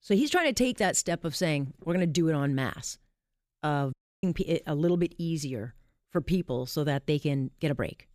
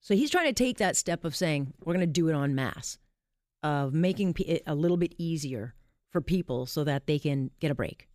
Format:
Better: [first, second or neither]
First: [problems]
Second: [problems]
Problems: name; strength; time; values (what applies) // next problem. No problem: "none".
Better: second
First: audio cutting out; at 4 s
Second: none